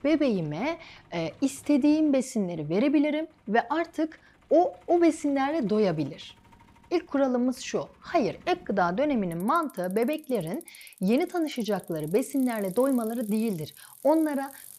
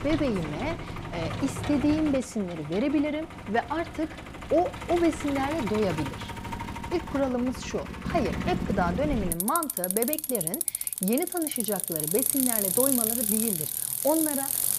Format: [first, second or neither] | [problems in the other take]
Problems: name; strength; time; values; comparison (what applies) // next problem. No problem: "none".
first | traffic noise; loud; throughout; as loud as the speech; faint in the first